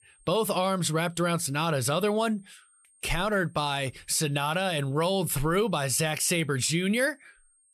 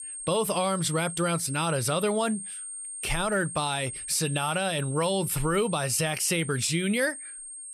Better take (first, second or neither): first